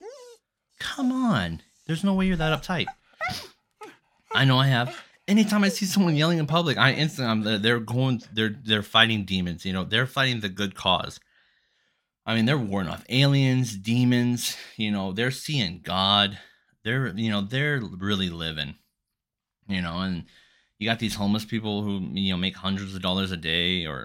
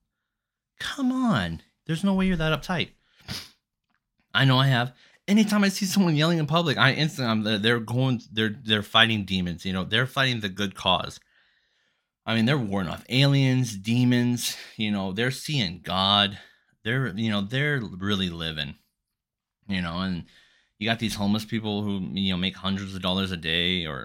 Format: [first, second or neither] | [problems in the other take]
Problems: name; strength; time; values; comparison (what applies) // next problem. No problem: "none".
second | dog barking; noticeable; until 7 s; peak 8 dB below the speech